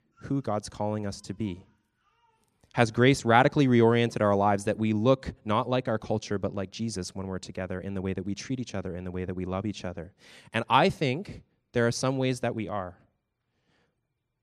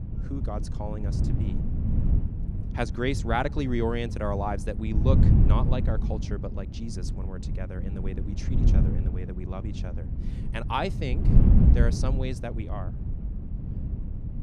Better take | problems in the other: first | wind noise on the microphone; heavy; 6 dB below the speech

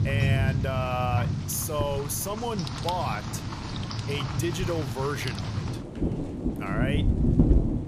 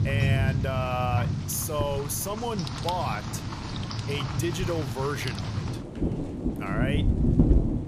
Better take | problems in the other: neither | rain or running water; very loud; throughout; 2 dB above the speech; the same in both

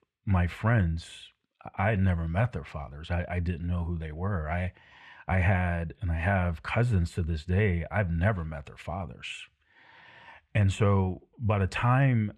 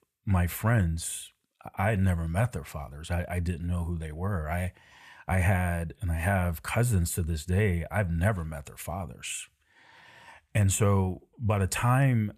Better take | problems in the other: second | muffled; slightly; fading above 3 kHz

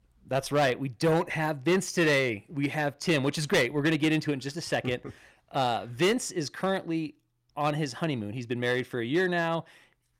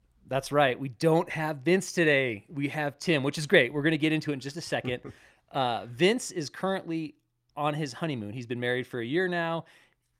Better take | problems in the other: second | distortion; slight; 5% of the sound clipped

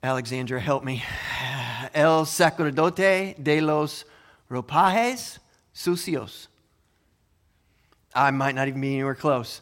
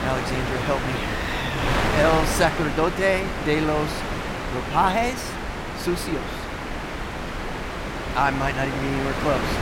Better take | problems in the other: first | wind noise on the microphone; heavy; 4 dB below the speech

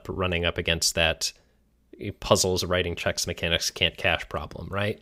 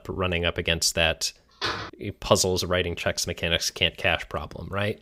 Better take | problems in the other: first | door banging; noticeable; at 1.5 s; peak 5 dB below the speech

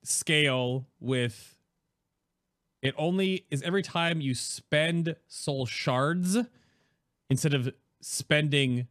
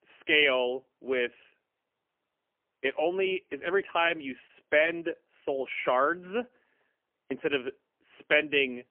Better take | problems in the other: first | phone-call audio; poor line; nothing above 3 kHz

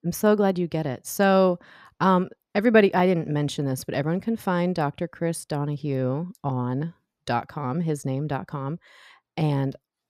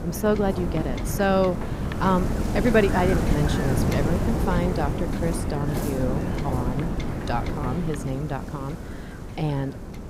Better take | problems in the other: first | wind noise on the microphone; heavy; 5 dB below the speech

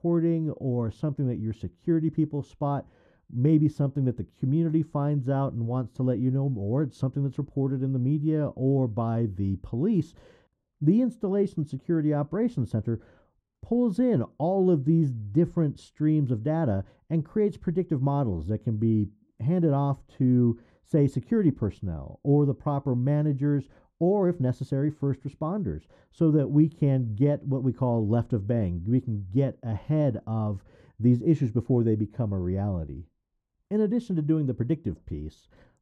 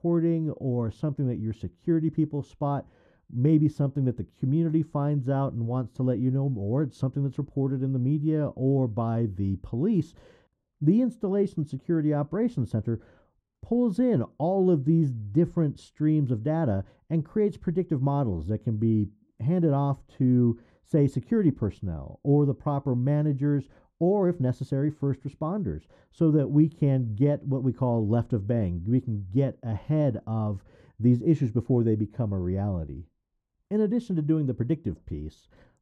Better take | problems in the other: neither | muffled; very; fading above 1 kHz; the same in both

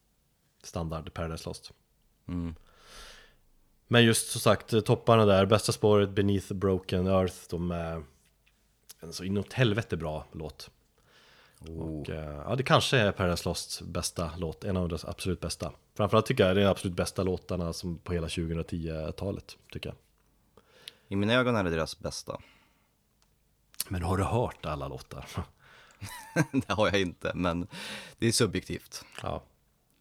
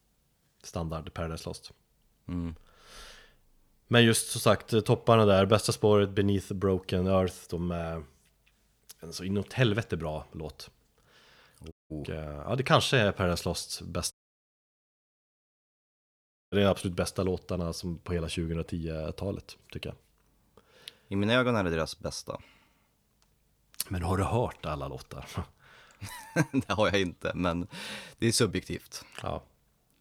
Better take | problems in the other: first | audio cutting out; at 12 s and at 14 s for 2.5 s

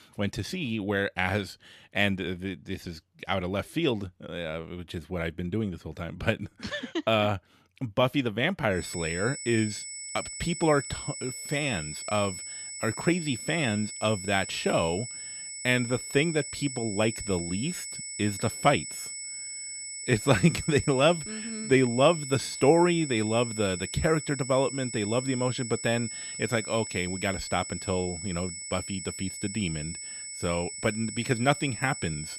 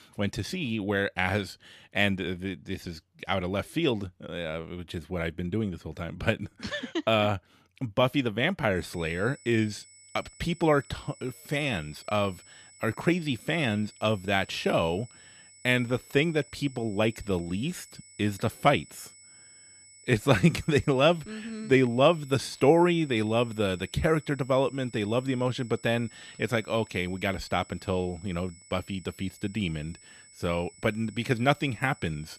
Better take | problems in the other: second | high-pitched whine; loud; from 9 s on; 8 kHz, 7 dB below the speech; faint in the second

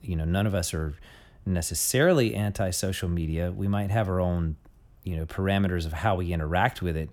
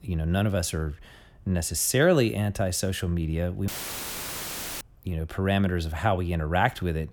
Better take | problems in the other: first | audio cutting out; filled with static; at 3.5 s for 1 s

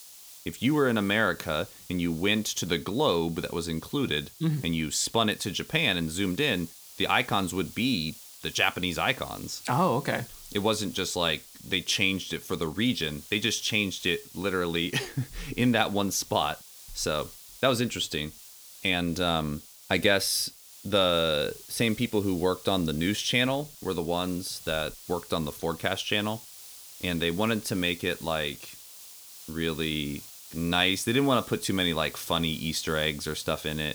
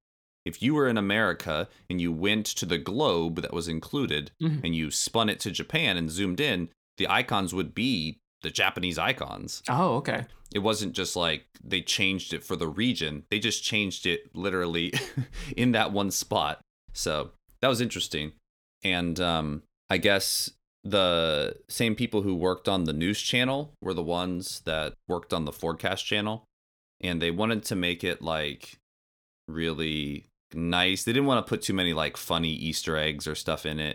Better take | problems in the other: second | hiss; noticeable; throughout; 15 dB below the speech

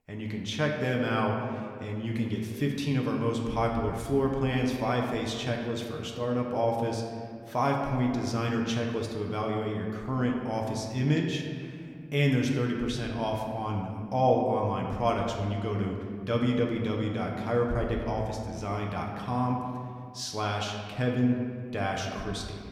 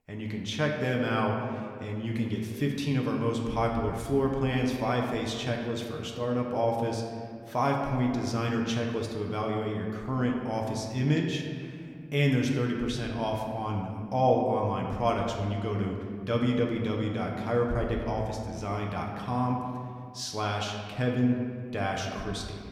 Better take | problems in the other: neither | room echo; noticeable; dies away in 1.8 s; the same in both // off-mic speech; somewhat distant; the same in both

